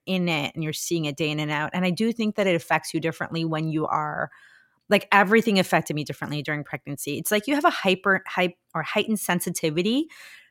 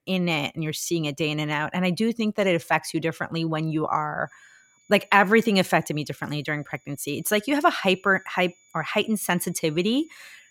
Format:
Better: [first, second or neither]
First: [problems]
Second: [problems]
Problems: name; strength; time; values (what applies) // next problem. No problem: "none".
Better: first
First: none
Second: high-pitched whine; faint; from 4.5 s on; 7 kHz, 35 dB below the speech